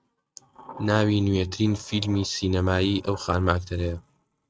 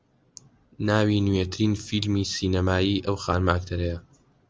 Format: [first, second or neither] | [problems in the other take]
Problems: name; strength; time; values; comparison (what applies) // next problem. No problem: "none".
second | noise reduction (neural mask model RNNoise)